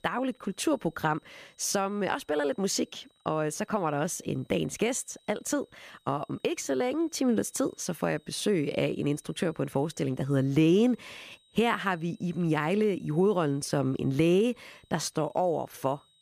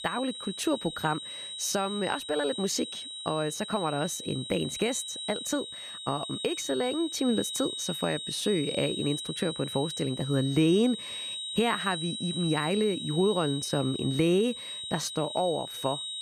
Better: first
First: high-pitched whine; faint; throughout; 4 kHz, 35 dB below the speech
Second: high-pitched whine; loud; throughout; 4 kHz, 6 dB below the speech

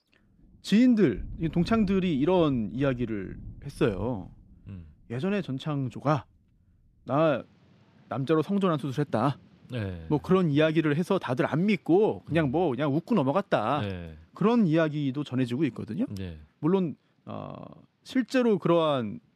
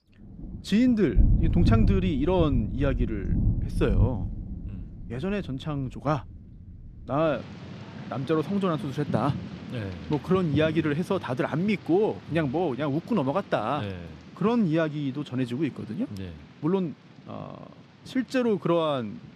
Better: first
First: rain or running water; faint; throughout; 25 dB below the speech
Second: rain or running water; loud; throughout; 4 dB below the speech

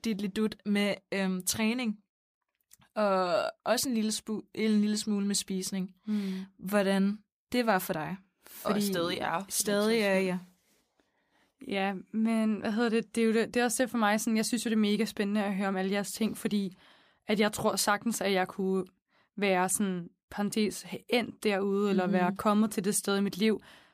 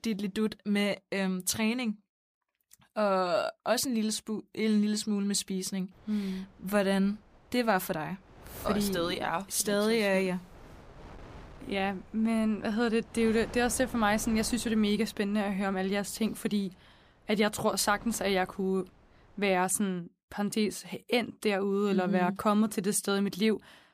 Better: first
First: none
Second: wind noise on the microphone; occasional gusts; from 6 to 20 s; 20 dB below the speech

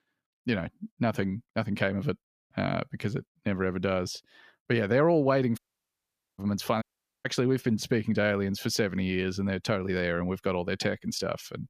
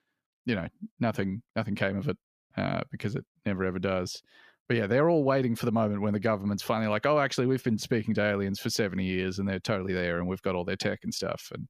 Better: second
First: audio cutting out; at 5.5 s for 1 s and at 7 s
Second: none

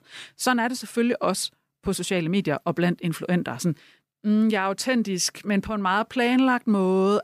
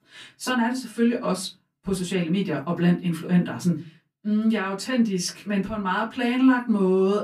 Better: first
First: none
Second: off-mic speech; far // room echo; very slight; dies away in 0.2 s

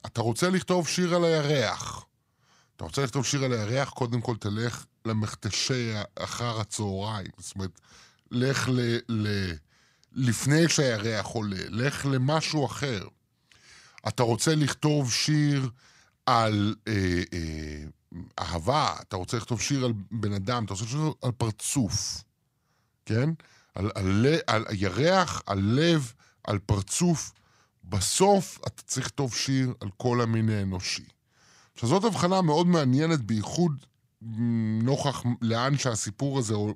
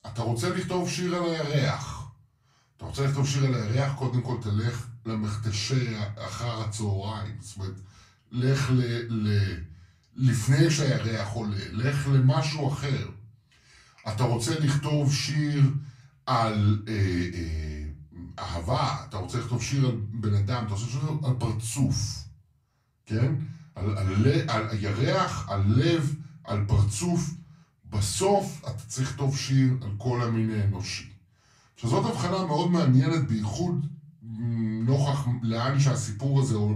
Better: first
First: none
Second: off-mic speech; far // room echo; slight; dies away in 0.4 s

